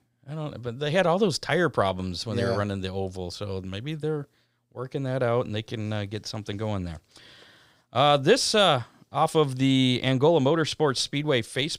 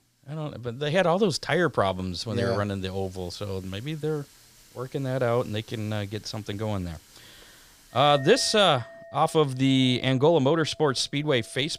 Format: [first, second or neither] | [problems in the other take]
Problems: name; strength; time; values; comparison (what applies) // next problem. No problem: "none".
first | household noises; faint; throughout; 25 dB below the speech